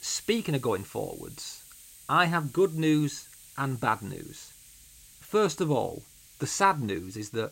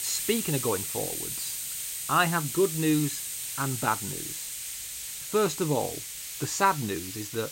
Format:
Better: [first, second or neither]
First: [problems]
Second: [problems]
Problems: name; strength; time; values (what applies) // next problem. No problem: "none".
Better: first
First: hiss; faint; throughout; 20 dB below the speech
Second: hiss; loud; throughout; 4 dB below the speech